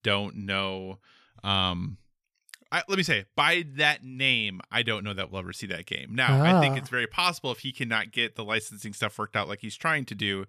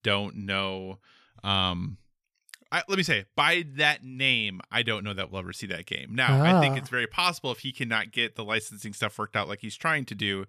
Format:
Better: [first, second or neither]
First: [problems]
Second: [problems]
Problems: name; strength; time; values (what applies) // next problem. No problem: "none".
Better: neither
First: none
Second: none